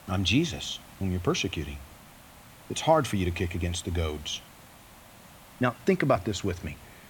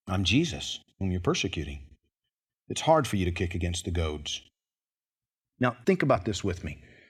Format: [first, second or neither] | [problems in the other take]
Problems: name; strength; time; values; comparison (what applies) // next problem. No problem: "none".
second | hiss; faint; throughout; 20 dB below the speech